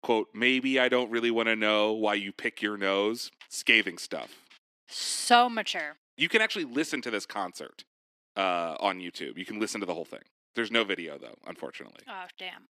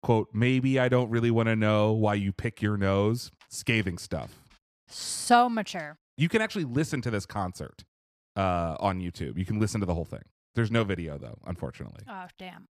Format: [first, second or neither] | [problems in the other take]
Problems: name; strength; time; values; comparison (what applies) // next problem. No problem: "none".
second | thin; somewhat; fading below 300 Hz